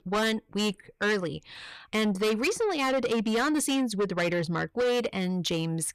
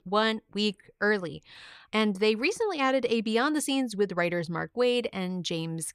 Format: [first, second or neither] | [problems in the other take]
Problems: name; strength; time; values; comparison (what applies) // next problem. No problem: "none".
second | distortion; heavy; 8 dB below the speech